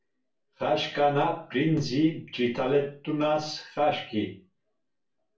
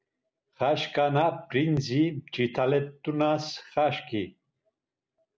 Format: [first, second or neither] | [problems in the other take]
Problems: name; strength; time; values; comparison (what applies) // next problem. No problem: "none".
second | room echo; dies away in 0.3 s